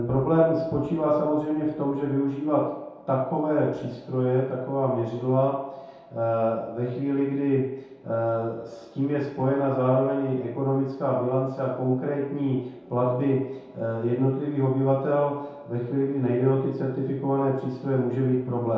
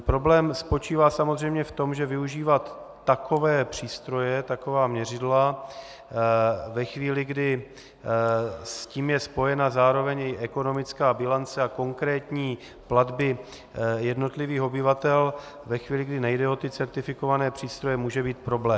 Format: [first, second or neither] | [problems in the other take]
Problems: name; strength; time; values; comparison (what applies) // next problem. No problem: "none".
second | room echo; dies away in 0.8 s